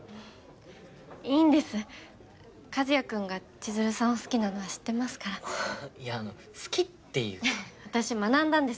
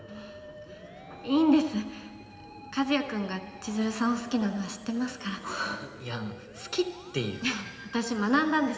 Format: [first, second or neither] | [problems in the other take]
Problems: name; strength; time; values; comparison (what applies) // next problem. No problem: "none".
first | background sound (Musical instrument); 19 dB below the speech // room echo; dies away in 3 s